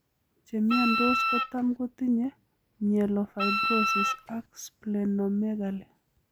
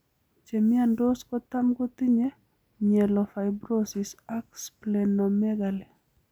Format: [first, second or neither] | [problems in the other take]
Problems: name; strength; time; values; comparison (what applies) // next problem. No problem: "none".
second | background sound (Wind instrument, woodwind instrument); 1 dB above the speech